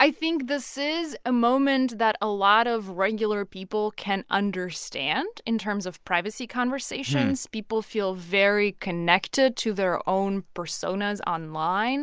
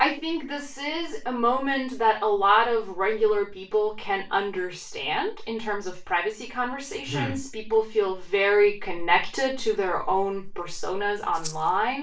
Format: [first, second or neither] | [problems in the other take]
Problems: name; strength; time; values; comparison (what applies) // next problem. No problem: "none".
first | background sound (Rattle (instrument)); 14 dB below the speech // room echo; dies away in 0.3 s